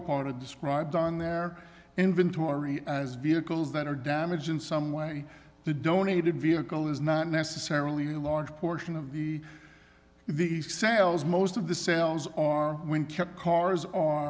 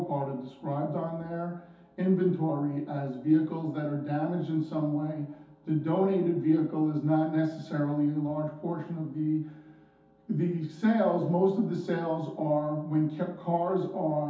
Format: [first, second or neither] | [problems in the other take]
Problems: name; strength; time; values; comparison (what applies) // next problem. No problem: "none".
first | room echo; dies away in 0.5 s